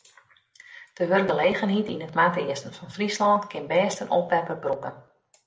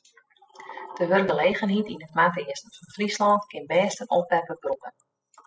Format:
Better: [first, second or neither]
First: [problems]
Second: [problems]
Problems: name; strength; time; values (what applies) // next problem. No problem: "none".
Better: first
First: none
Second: noise reduction (classical method spectral subtraction)